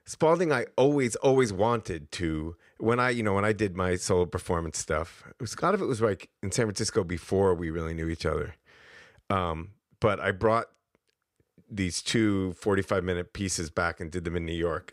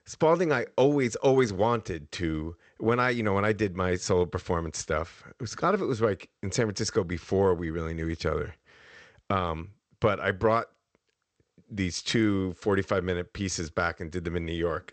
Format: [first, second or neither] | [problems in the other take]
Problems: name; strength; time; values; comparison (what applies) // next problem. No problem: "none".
first | garbled, watery; slightly; nothing above 8 kHz